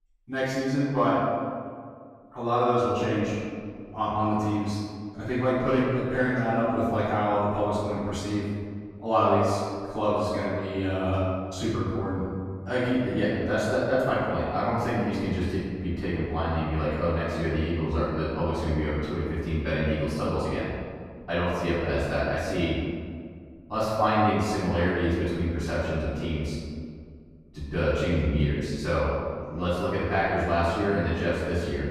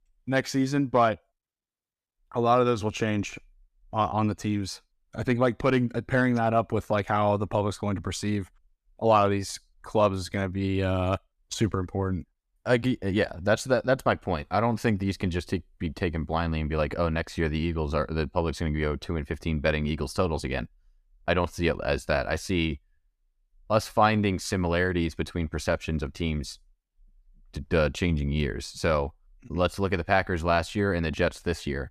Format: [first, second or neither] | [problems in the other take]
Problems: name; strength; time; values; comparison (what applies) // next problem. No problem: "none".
second | off-mic speech; far // room echo; strong; dies away in 1.8 s